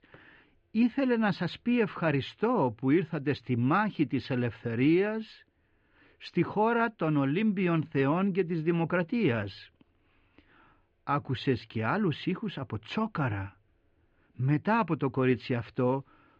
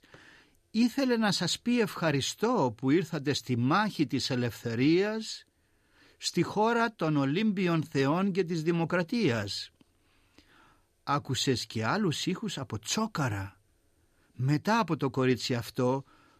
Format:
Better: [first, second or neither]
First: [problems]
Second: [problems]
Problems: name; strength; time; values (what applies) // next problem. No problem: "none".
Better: second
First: muffled; very; fading above 2.5 kHz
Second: none